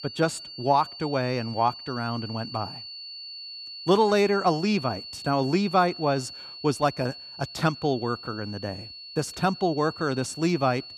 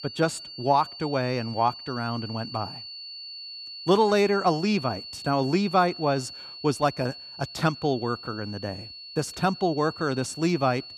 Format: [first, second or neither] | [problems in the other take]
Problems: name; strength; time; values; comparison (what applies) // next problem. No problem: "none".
neither | high-pitched whine; noticeable; throughout; 4.5 kHz, 10 dB below the speech; the same in both